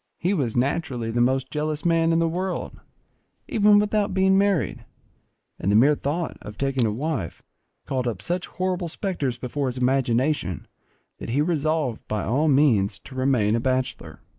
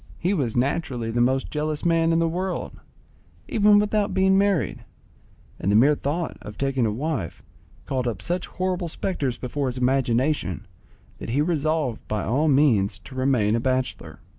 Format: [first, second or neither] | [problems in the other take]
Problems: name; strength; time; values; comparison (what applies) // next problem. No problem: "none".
second | noise reduction (neural mask model Resemble Enhance denoiser)